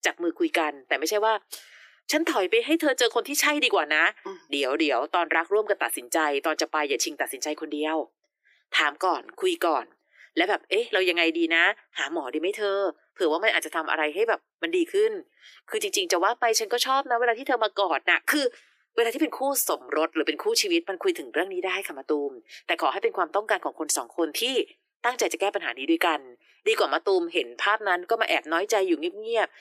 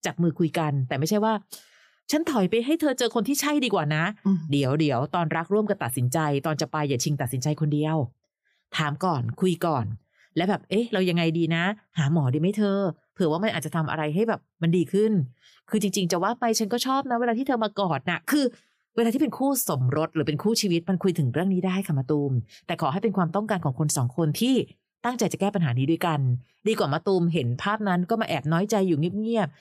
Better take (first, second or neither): second